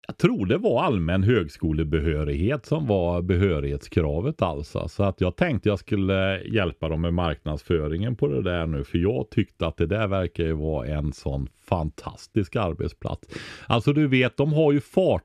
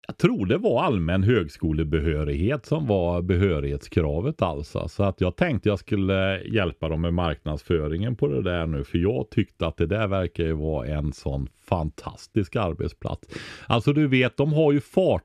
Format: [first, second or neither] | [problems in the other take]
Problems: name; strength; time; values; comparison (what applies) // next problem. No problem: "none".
neither | muffled; slightly; fading above 3.5 kHz; the same in both